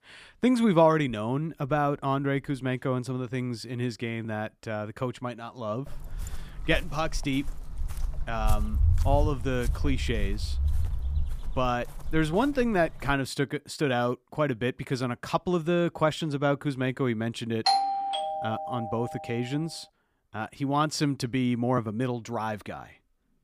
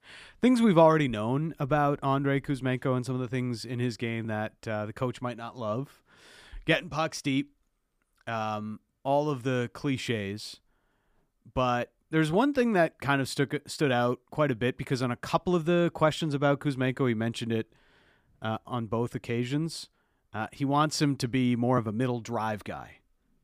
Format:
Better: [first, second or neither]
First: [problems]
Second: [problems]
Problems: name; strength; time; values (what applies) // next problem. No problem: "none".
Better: second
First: footsteps; loud; from 6 to 13 s; peak 3 dB above the speech // doorbell; loud; from 18 to 19 s; peak 5 dB above the speech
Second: none